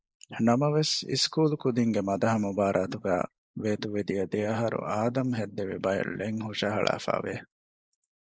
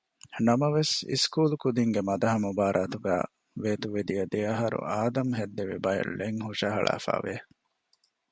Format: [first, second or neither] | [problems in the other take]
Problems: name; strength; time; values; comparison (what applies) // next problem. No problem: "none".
second | noise reduction (neural mask model Resemble Enhance denoiser)